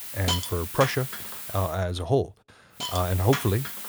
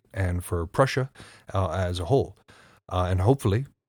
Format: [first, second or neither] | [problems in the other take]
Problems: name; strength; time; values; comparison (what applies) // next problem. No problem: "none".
second | hiss; loud; until 1.5 s and from 3 s on; 5 dB below the speech